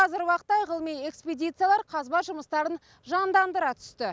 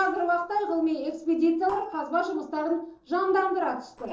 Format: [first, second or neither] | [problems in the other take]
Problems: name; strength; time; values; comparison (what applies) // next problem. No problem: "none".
first | noise reduction (neural separator model SepFormer DNS4)